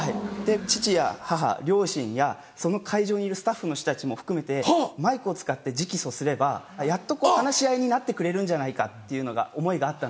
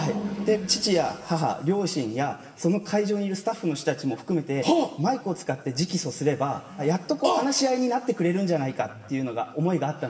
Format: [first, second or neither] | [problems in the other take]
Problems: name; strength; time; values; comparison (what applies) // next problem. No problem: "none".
first | room echo; dies away in 2.8 s